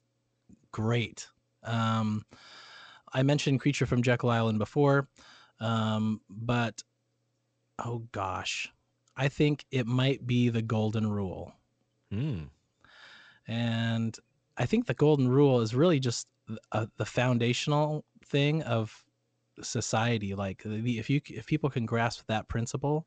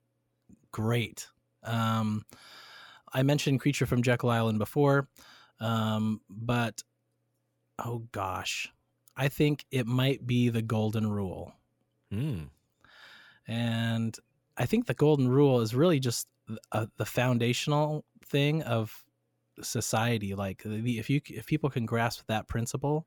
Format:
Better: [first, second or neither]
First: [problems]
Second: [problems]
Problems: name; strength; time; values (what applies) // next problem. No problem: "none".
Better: second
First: garbled, watery; slightly; nothing above 7.5 kHz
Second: none